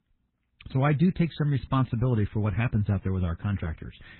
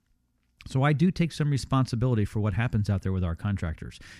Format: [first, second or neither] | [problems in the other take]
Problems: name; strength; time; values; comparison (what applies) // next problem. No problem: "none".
second | garbled, watery; badly; nothing above 4 kHz